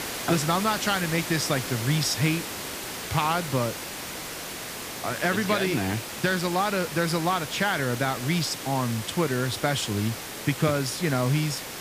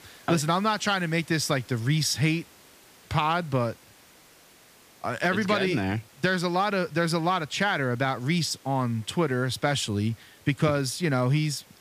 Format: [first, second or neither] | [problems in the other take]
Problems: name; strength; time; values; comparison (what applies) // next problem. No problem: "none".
second | hiss; loud; throughout; 7 dB below the speech; faint in the second